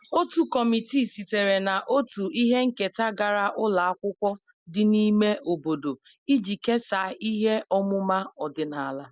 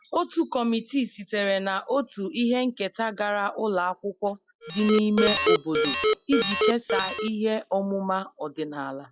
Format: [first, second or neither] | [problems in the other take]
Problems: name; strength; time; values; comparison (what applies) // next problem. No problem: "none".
first | noise reduction (classical method log-MMSE)